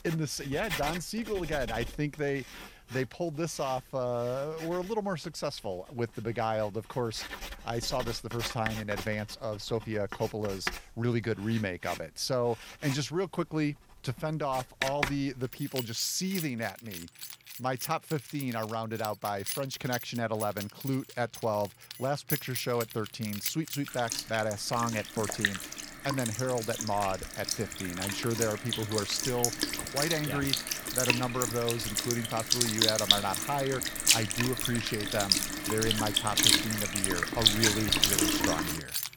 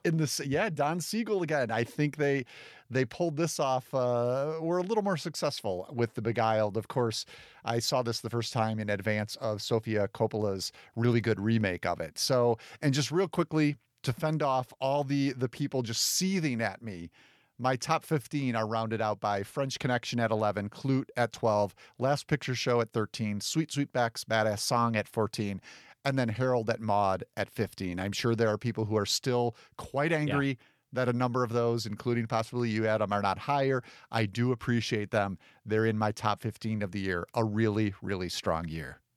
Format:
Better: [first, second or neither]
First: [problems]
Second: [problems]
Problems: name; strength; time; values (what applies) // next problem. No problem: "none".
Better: second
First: household noises; very loud; throughout; 3 dB above the speech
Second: none